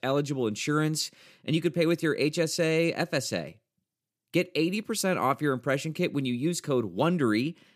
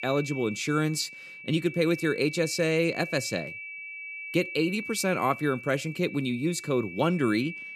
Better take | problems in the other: first | high-pitched whine; noticeable; throughout; 2.5 kHz, 10 dB below the speech

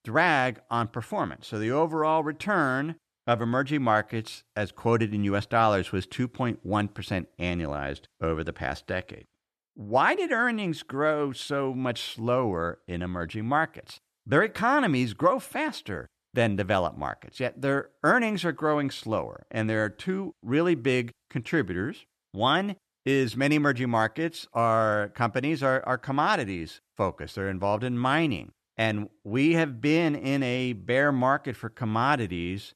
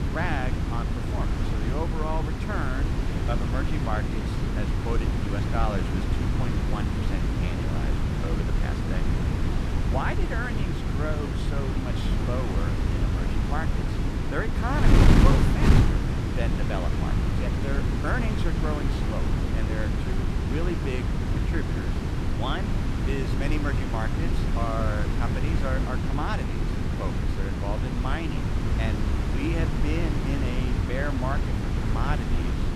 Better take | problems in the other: first | wind noise on the microphone; heavy; as loud as the speech

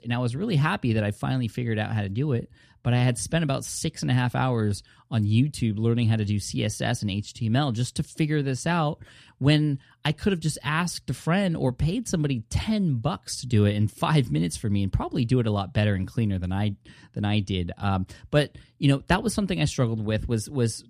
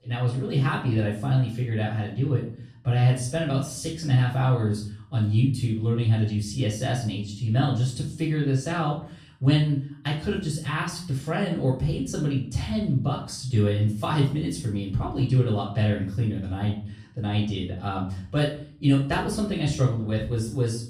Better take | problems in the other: first | off-mic speech; far // room echo; noticeable; dies away in 0.4 s

